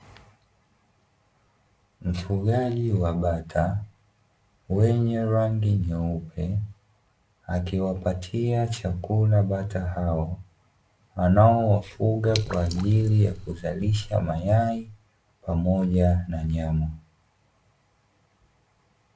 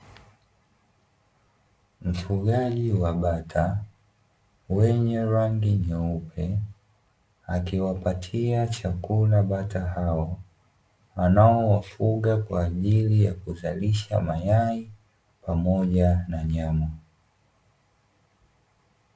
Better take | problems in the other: second | background sound (Drip / Water); 14 dB below the speech

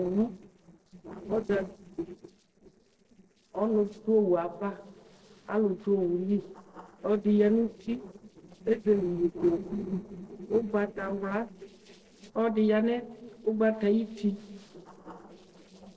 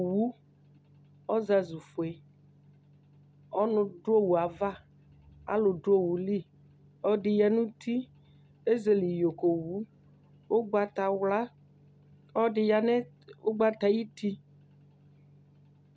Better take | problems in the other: second | noise reduction (neural separator model SepFormer DNS4)

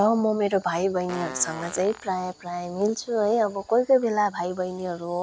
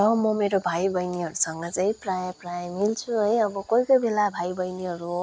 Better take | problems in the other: second | background sound (Fart); 17 dB below the speech

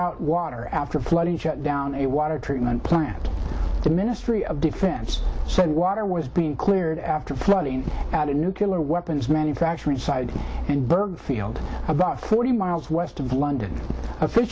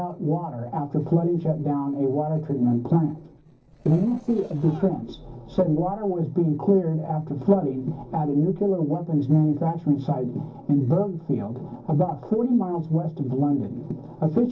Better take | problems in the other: first | noise reduction (neural separator model SepFormer DNS4)

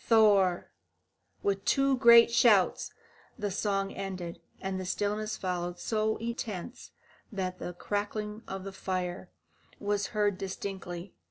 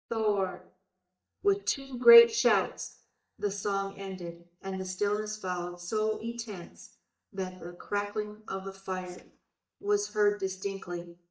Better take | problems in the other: first | noise reduction (neural mask model DeepFilterNet 3)

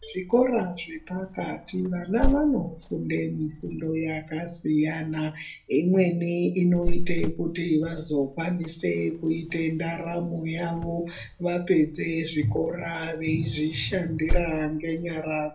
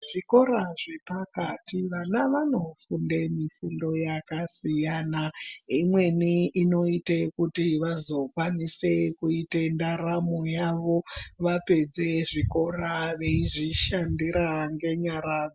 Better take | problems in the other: second | background sound (Cricket); 4 dB below the speech // room echo; dies away in 0.3 s

